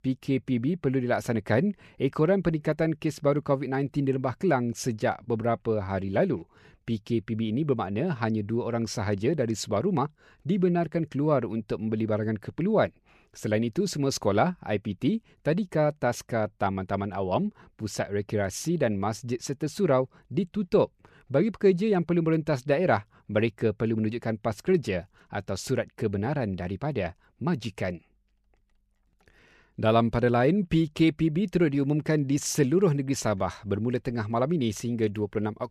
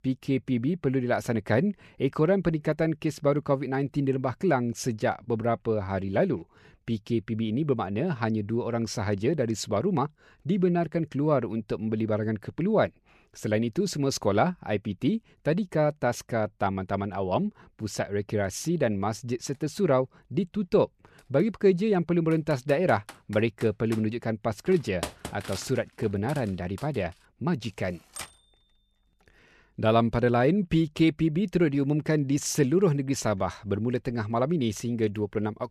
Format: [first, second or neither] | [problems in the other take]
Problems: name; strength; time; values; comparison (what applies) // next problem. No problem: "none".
first | keyboard typing; noticeable; from 22 to 27 s; peak 9 dB below the speech // keyboard typing; faint; at 28 s; peak 15 dB below the speech